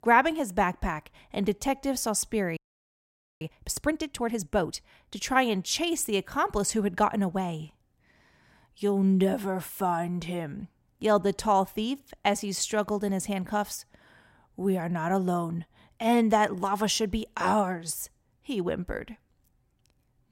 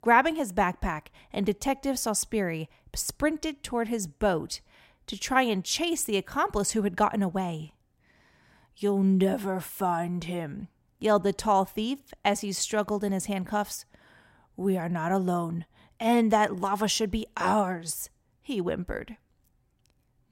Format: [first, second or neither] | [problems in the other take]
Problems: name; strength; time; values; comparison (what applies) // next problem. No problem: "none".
second | audio freezing; at 2.5 s for 1 s